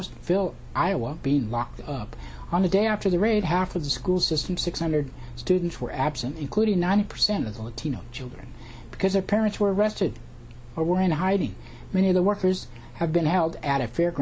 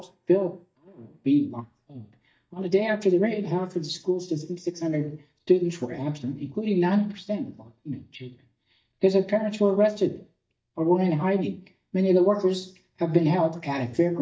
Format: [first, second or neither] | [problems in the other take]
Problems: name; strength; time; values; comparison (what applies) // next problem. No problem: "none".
first | noise reduction (neural mask model DeepFilterNet 3)